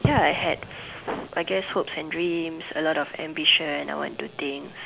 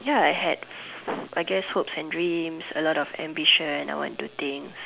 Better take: second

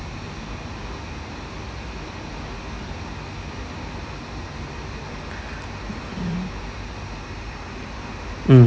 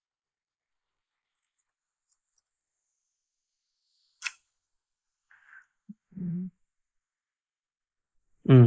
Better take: first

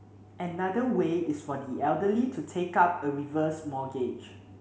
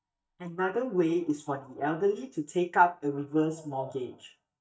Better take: first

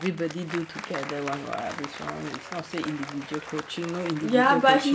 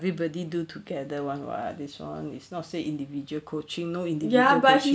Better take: second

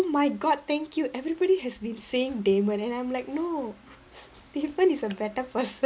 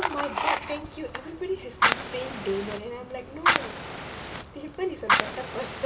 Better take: first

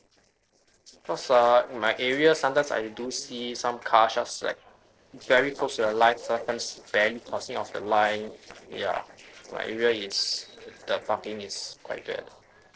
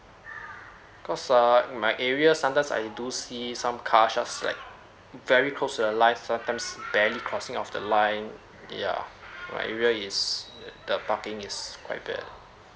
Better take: second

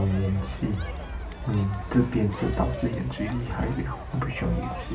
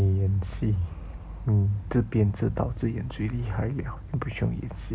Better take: second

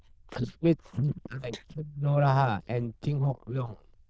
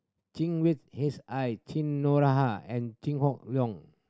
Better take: second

